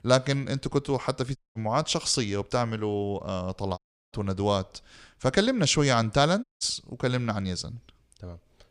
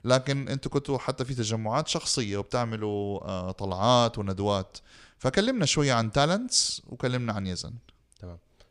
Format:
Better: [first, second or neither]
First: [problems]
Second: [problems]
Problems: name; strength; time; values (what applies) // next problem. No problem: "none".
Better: second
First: audio cutting out; at 1.5 s, at 4 s and at 6.5 s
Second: none